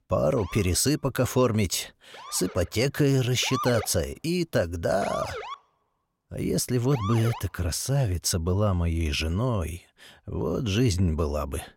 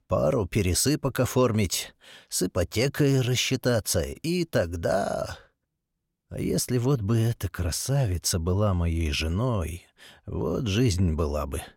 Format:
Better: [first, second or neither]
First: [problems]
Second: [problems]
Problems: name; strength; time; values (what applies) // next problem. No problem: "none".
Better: second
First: siren; noticeable; until 7.5 s; peak 6 dB below the speech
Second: none